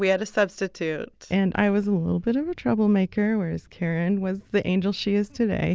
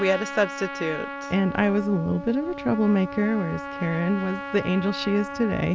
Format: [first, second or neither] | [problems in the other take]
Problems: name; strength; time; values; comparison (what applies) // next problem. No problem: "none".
first | background sound (Trumpet); 10 dB below the speech